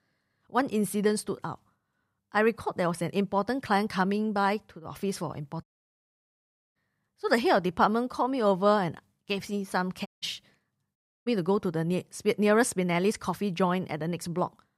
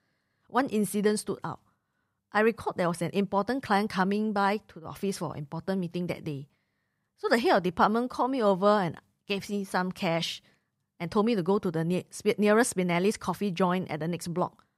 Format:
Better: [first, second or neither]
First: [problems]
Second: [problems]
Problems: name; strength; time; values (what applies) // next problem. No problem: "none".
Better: second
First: audio cutting out; at 5.5 s for 1 s, at 10 s and at 11 s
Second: none